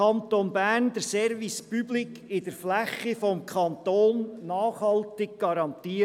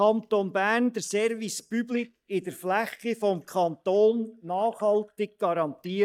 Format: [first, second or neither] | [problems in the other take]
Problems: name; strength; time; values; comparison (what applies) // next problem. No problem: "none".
first | noise reduction (neural mask model DeepFilterNet 3)